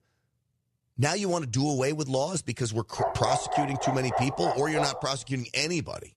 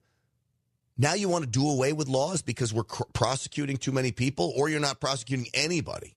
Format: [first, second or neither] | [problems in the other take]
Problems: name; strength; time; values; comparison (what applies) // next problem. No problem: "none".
second | dog barking; loud; from 3 to 5 s; peak 1 dB above the speech